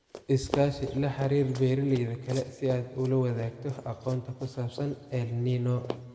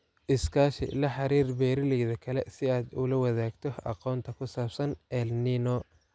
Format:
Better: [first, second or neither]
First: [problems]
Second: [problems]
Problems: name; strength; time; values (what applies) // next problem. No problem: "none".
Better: second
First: background sound (Run); 14 dB below the speech // room echo; dies away in 1.9 s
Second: none